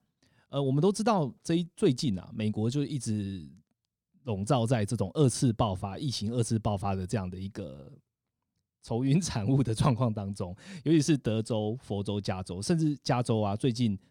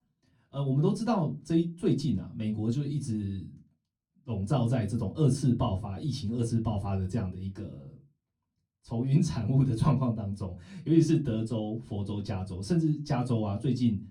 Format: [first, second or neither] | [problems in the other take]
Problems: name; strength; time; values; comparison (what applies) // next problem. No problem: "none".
first | off-mic speech; far // room echo; very slight; dies away in 0.3 s